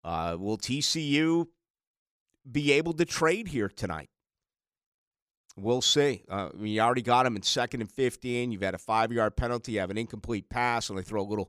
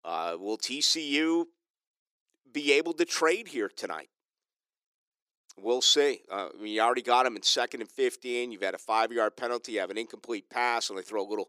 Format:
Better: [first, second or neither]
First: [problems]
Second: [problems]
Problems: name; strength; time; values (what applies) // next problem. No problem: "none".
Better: first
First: none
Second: thin; somewhat; fading below 350 Hz